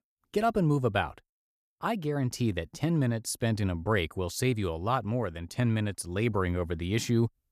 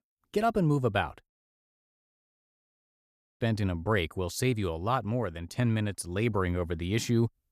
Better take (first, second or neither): first